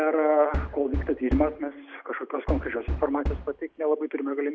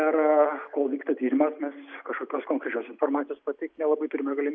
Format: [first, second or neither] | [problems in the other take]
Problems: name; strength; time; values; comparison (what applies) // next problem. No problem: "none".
second | background sound (Knock); 5 dB below the speech